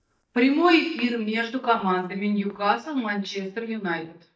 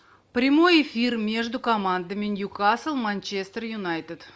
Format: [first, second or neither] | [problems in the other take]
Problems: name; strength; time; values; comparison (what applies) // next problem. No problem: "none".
second | noise reduction (neural mask model DeepFilterNet 3)